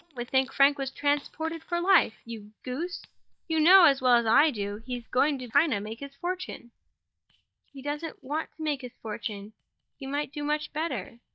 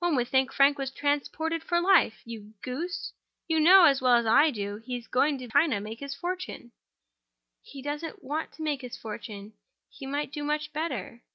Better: second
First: noise reduction (neural mask model DeepFilterNet 3)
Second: none

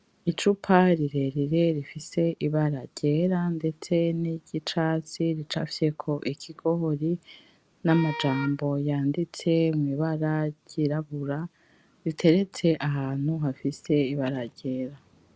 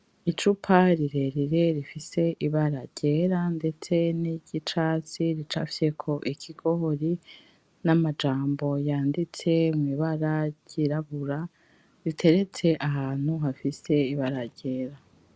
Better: second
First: background sound (Wind instrument, woodwind instrument); 12 dB below the speech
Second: none

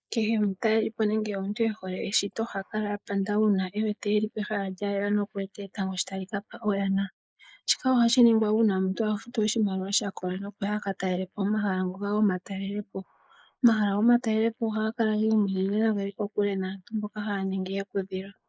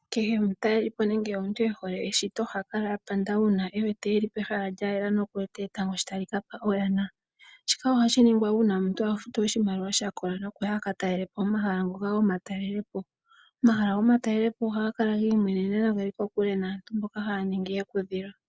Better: second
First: noise reduction (neural mask model Resemble Enhance denoiser)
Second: none

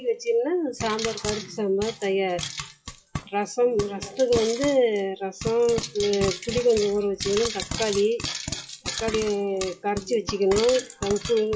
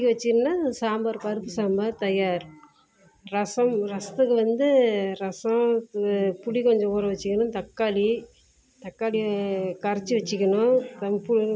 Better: second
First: noise reduction (classical method WPE with log-MMSE)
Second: none

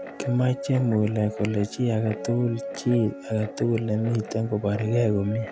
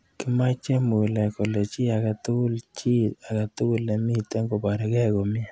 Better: second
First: background sound (Guitar); 12 dB below the speech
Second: none

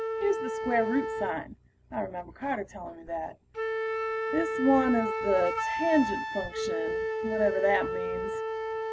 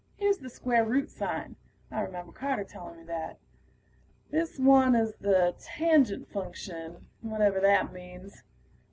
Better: second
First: background sound (Wind instrument, woodwind instrument); 2 dB below the speech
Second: none

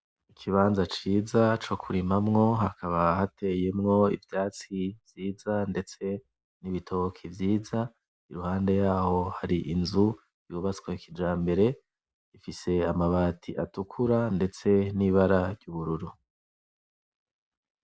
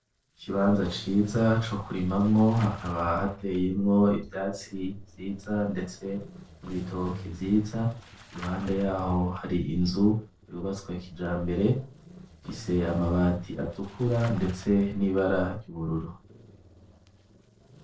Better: first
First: none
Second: noise reduction (neural separator model SepFormer DNS4)

